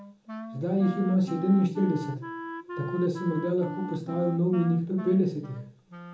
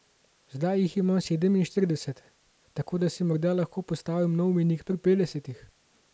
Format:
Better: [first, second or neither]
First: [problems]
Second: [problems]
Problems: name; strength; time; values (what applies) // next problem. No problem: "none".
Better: second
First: background sound (Wind instrument, woodwind instrument); 12 dB below the speech // room echo; dies away in 1 s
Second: none